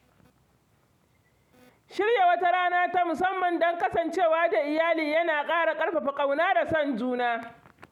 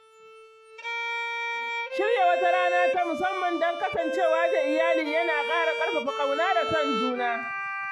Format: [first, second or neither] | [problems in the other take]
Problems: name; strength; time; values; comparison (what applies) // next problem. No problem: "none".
first | noise reduction (classical method log-MMSE)